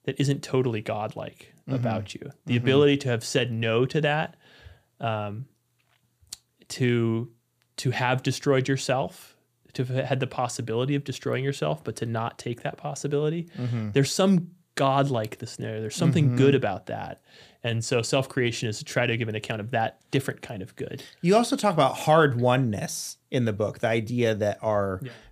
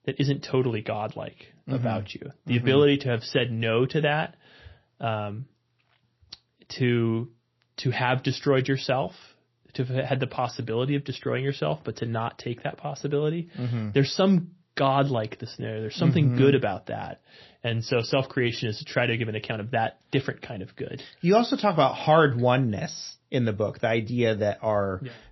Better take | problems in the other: first | garbled, watery; slightly; nothing above 5.5 kHz

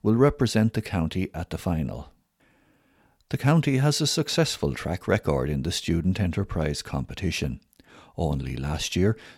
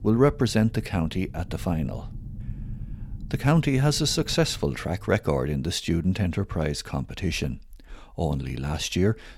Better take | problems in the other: first | low rumble; faint; throughout; 25 dB below the speech

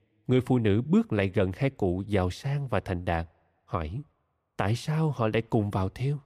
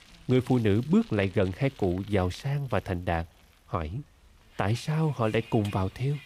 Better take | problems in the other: first | traffic noise; faint; throughout; 20 dB below the speech

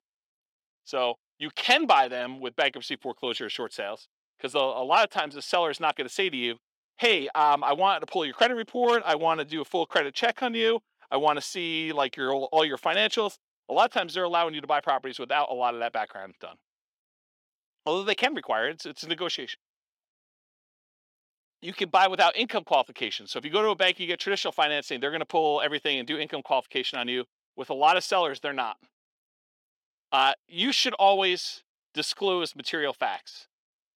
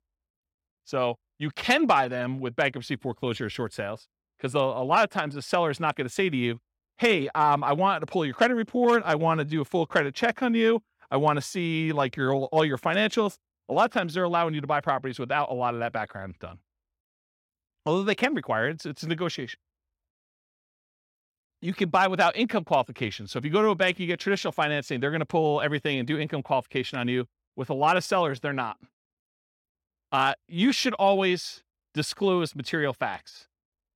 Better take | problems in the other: second | thin; somewhat; fading below 400 Hz

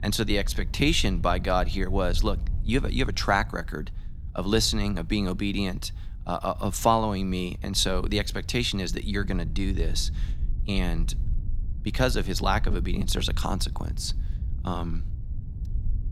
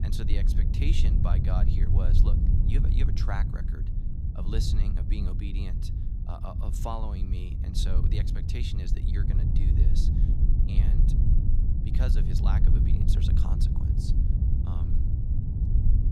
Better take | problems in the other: first | low rumble; loud; throughout; 1 dB below the speech; faint in the first

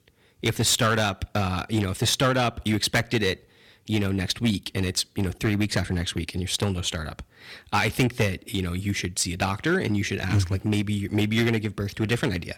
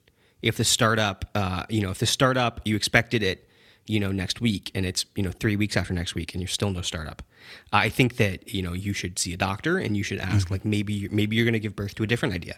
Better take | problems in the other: second | distortion; slight; 4% of the sound clipped

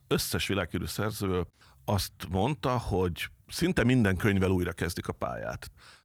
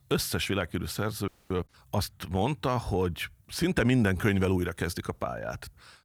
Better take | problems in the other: first | audio freezing; at 1.5 s

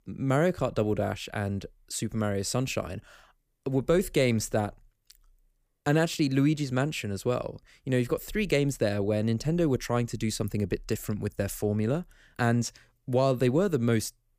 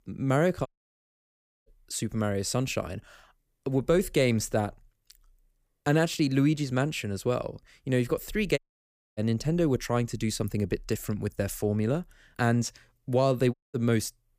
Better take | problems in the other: first | audio cutting out; at 0.5 s for 1 s, at 8.5 s for 0.5 s and at 14 s

